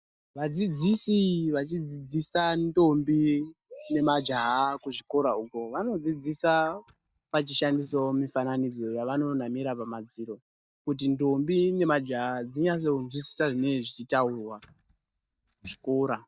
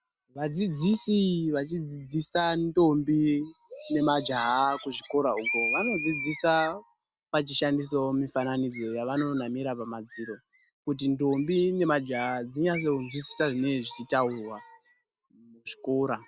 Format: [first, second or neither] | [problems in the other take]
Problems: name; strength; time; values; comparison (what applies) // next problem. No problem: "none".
second | noise reduction (neural mask model DeepFilterNet 3)